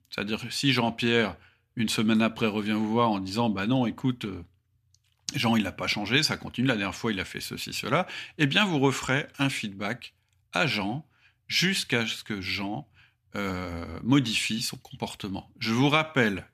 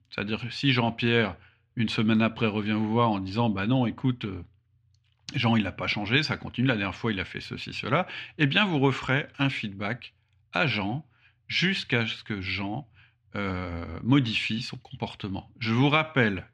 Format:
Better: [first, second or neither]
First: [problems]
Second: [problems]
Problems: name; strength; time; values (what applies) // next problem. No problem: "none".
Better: first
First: none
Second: muffled; very slightly; fading above 3 kHz